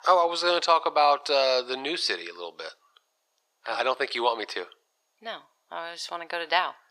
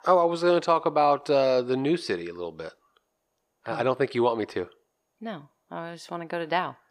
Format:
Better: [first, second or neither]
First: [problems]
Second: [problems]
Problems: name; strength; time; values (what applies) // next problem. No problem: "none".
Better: second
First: thin; somewhat; fading below 650 Hz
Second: none